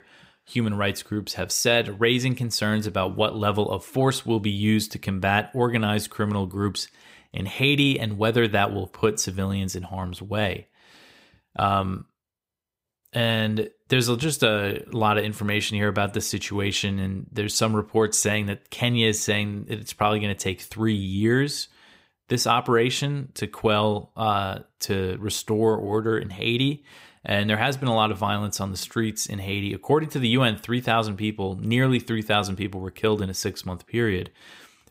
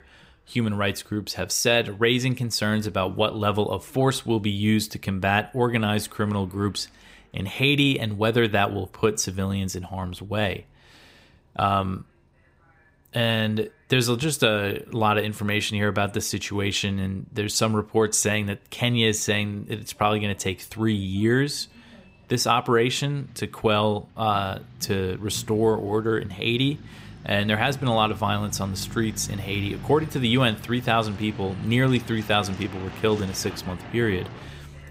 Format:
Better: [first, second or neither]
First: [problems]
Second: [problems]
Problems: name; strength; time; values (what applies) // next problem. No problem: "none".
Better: first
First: none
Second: traffic noise; noticeable; throughout; 15 dB below the speech